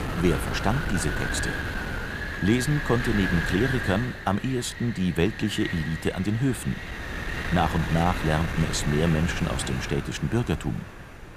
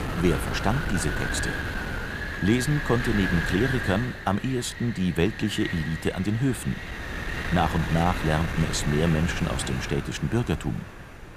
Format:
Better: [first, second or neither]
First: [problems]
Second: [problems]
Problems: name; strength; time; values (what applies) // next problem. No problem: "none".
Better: neither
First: wind noise on the microphone; heavy; 2 dB below the speech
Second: wind noise on the microphone; heavy; 2 dB below the speech